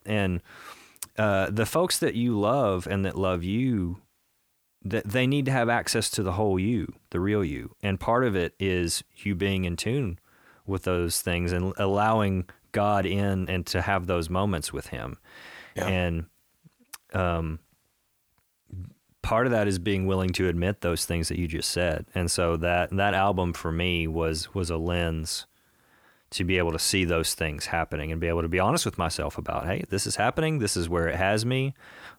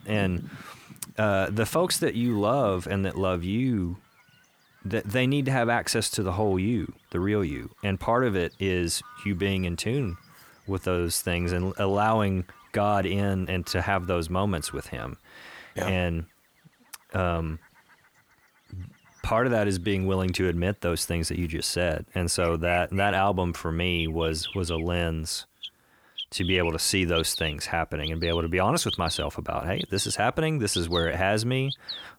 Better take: first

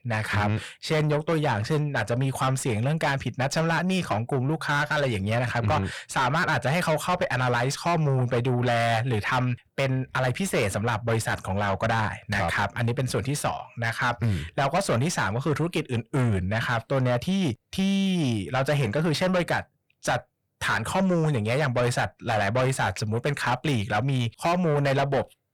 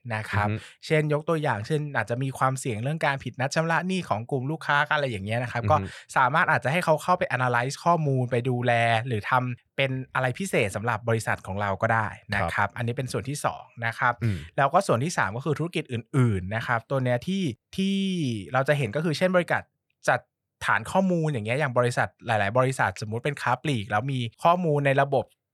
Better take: second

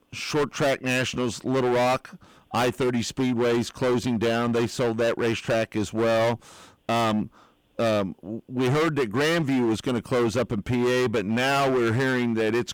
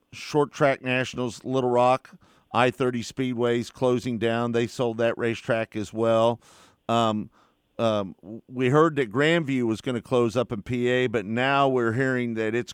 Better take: second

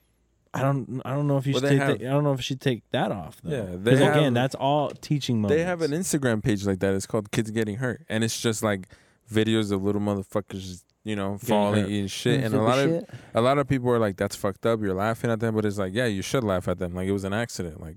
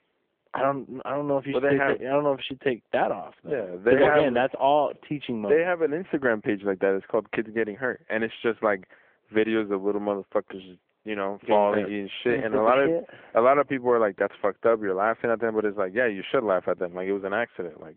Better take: first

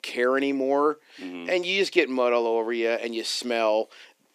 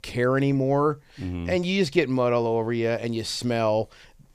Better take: second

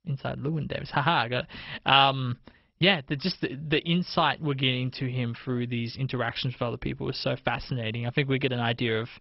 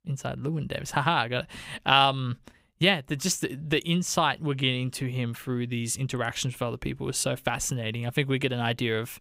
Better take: second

